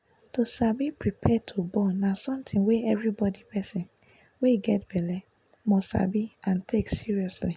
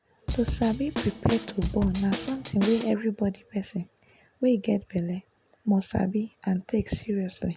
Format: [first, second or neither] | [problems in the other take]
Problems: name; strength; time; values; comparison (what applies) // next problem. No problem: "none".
first | background sound (Drum kit); 5 dB below the speech